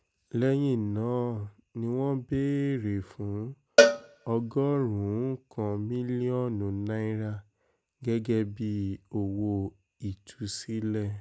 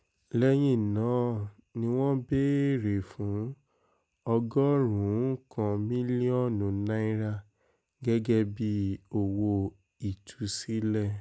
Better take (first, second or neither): second